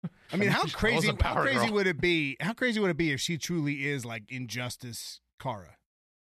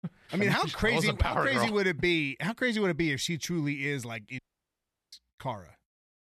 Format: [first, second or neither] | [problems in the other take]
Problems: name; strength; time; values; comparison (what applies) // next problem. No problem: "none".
first | audio cutting out; at 4.5 s for 0.5 s